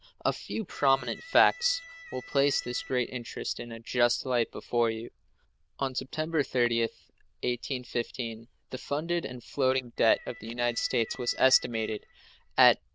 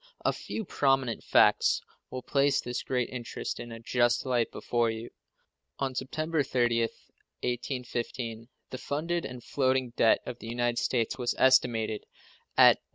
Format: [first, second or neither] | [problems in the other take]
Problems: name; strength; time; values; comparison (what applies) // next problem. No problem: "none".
second | noise reduction (neural diffusion model UNIVERSE++)